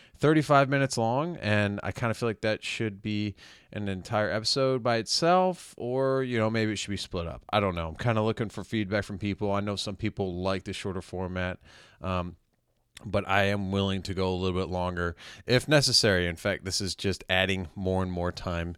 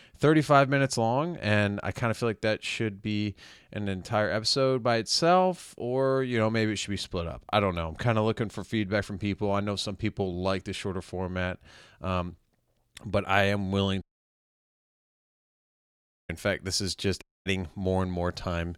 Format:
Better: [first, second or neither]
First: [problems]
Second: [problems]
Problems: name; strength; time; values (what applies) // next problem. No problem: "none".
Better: first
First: none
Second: audio cutting out; at 14 s for 2.5 s and at 17 s